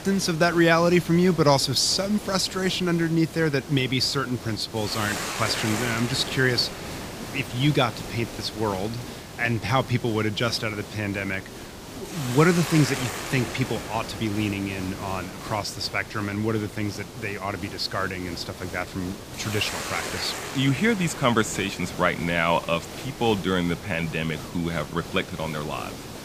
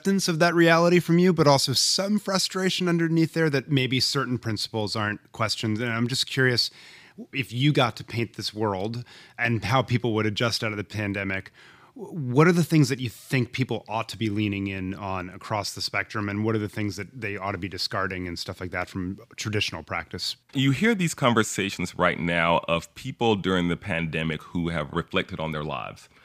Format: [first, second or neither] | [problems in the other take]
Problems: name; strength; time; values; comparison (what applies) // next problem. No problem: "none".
second | hiss; loud; throughout; 10 dB below the speech